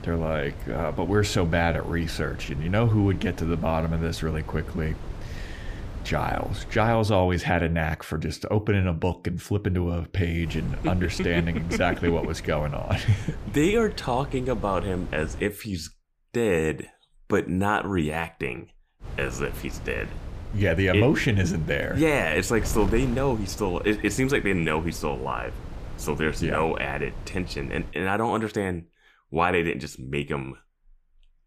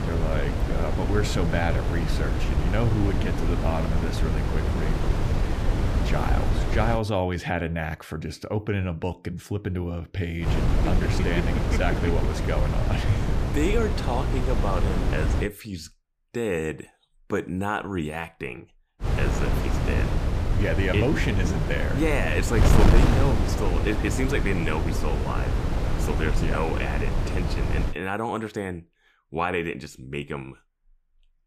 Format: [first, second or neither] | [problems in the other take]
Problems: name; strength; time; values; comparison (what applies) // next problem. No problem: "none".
first | wind noise on the microphone; heavy; until 7 s, from 10 to 15 s and from 19 to 28 s; 3 dB below the speech; occasional gusts in the first